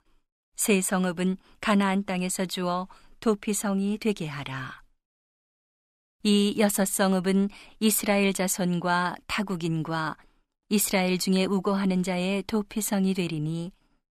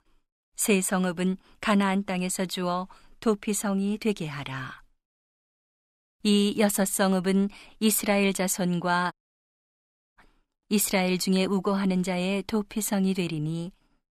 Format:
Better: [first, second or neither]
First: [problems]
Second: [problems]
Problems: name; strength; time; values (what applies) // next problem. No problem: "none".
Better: first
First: none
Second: audio cutting out; at 9 s for 1 s